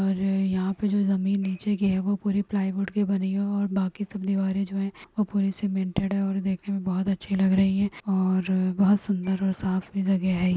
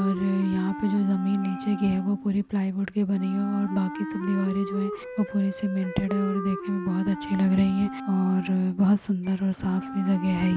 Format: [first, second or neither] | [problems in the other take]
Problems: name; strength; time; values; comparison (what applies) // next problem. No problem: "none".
first | background sound (Wind instrument, woodwind instrument); 11 dB below the speech